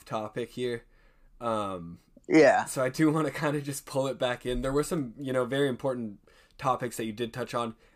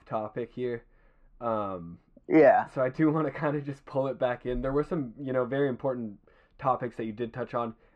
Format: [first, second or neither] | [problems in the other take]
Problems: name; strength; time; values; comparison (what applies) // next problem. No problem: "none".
first | muffled; very; fading above 2 kHz